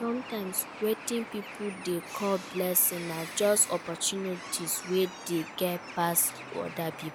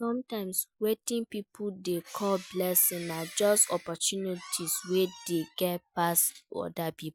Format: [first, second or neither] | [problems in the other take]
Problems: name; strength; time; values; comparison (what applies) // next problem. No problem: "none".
second | background sound (Bird); 13 dB below the speech